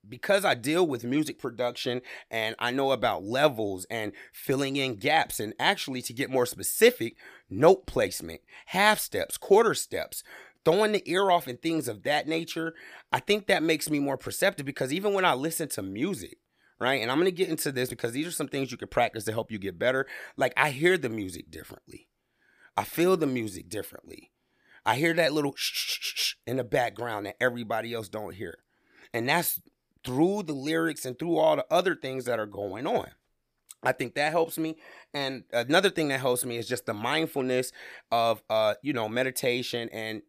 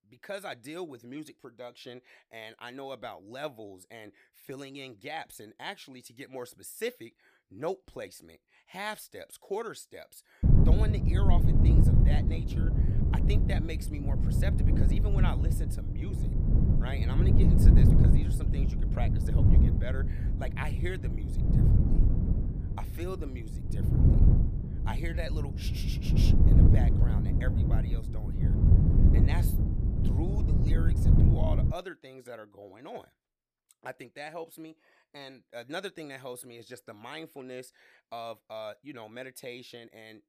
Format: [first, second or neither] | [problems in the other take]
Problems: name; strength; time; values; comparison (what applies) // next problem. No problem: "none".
first | wind noise on the microphone; heavy; from 10 to 32 s; 2 dB above the speech